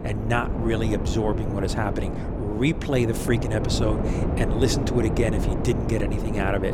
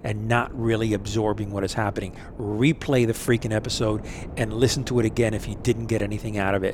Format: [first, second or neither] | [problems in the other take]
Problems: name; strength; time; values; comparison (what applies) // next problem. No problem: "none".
second | wind noise on the microphone; heavy; 4 dB below the speech; occasional gusts in the second